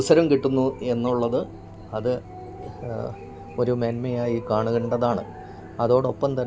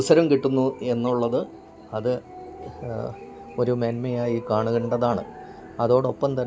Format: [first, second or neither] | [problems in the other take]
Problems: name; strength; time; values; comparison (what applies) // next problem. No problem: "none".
second | background sound (Microwave oven); 20 dB below the speech